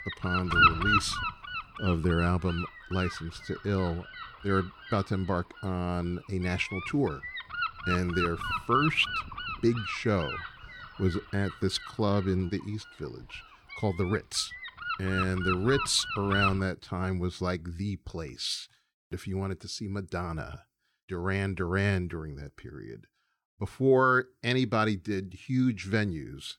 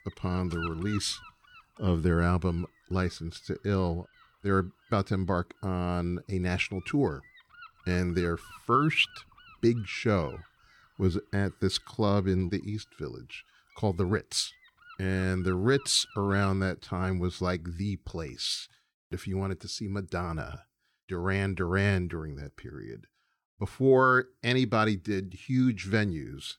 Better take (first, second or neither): second